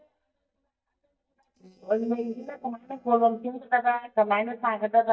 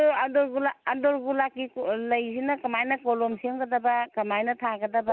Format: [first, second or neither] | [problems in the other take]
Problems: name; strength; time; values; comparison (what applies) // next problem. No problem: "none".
second | noise reduction (neural mask model DeepFilterNet 3)